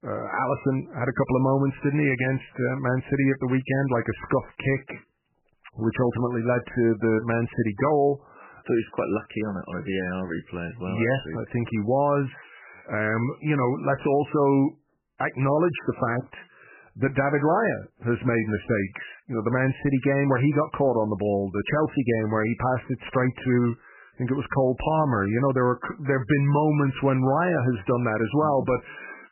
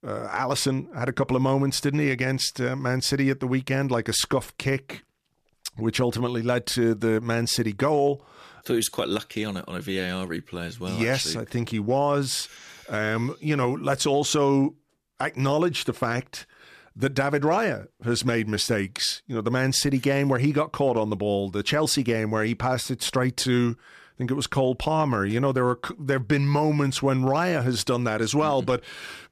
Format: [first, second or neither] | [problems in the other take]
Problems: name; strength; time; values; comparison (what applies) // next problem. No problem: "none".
second | garbled, watery; badly; nothing above 3 kHz